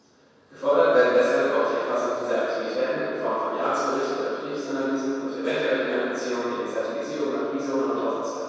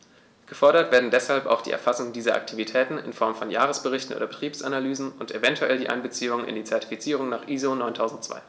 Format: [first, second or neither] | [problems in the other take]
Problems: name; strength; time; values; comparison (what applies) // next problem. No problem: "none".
second | room echo; dies away in 2.2 s